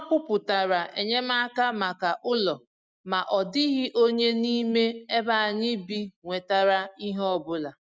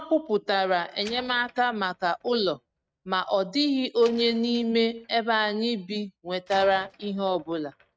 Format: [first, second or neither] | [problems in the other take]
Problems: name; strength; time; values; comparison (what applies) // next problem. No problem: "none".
first | noise reduction (neural mask model RNNoise)